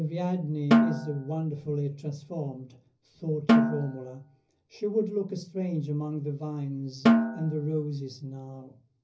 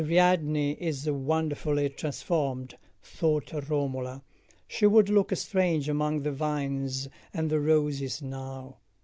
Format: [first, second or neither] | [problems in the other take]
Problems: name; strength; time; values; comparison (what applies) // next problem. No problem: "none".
second | background sound (Snare drum); 5 dB above the speech // room echo; dies away in 0.5 s